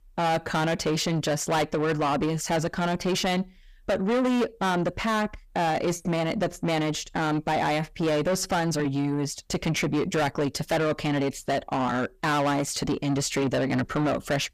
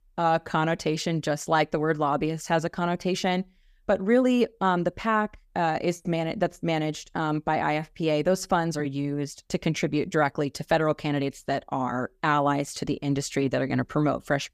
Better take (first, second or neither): second